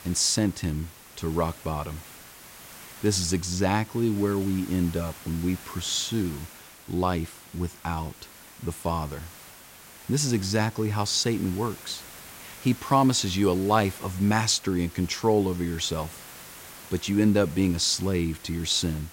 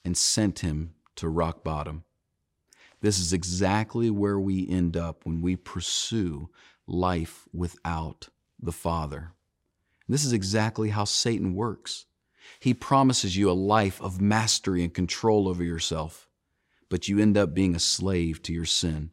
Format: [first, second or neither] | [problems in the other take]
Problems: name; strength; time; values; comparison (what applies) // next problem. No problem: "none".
second | hiss; noticeable; throughout; 15 dB below the speech